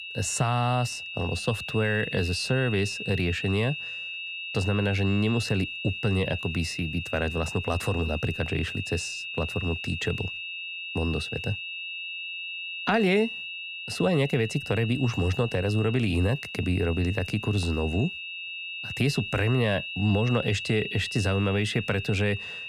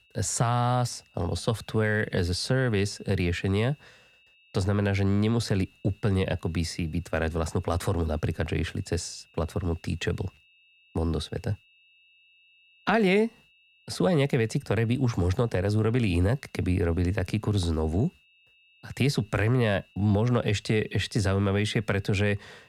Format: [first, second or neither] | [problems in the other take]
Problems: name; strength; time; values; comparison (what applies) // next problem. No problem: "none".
second | high-pitched whine; loud; throughout; 2.5 kHz, 6 dB below the speech; faint in the second